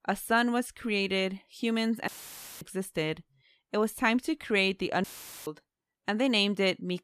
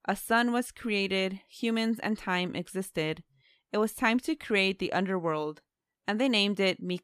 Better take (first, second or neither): second